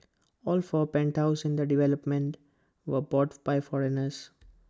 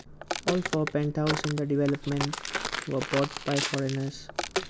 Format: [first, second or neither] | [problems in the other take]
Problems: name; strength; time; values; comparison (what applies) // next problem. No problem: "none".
first | background sound (Walk, footsteps); 4 dB below the speech